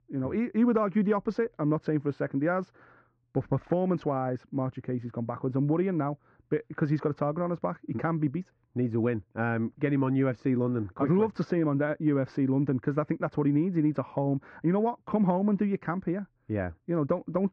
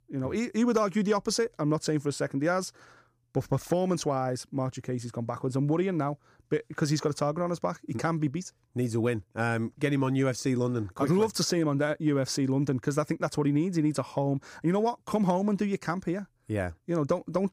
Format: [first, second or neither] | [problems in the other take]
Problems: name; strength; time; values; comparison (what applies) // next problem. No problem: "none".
second | muffled; very; fading above 2 kHz